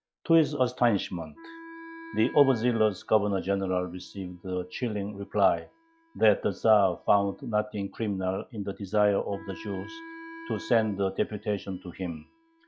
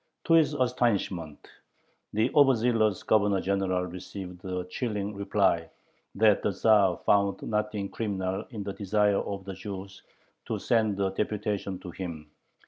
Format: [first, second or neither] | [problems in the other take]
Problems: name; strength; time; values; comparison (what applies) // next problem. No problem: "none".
second | noise reduction (classical method log-MMSE)